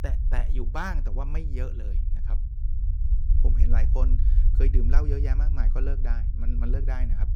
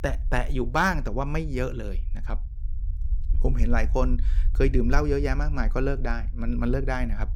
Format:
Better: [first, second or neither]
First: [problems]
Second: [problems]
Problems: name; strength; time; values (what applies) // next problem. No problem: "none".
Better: second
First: low rumble; loud; throughout; 9 dB below the speech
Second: low rumble; faint; throughout; 25 dB below the speech